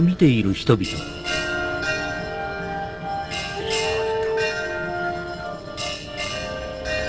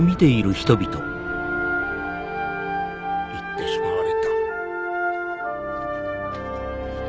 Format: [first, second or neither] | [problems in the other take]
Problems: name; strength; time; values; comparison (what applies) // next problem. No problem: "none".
second | noise reduction (neural separator model SepFormer DNS4)